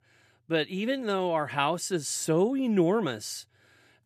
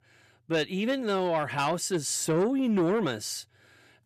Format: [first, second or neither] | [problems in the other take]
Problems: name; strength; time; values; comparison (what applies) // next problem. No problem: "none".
first | distortion; slight; 10 dB below the speech